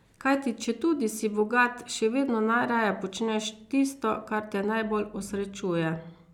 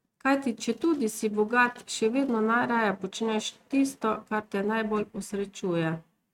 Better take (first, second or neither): first